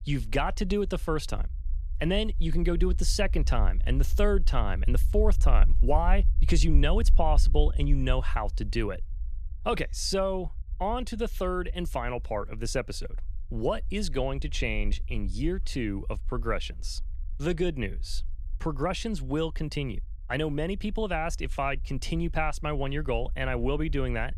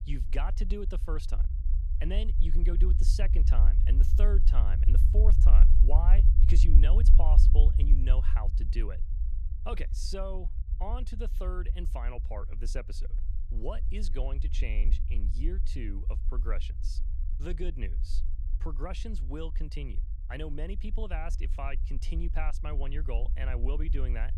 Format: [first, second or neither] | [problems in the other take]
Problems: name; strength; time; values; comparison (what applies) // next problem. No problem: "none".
first | low rumble; loud; throughout; 8 dB below the speech; faint in the first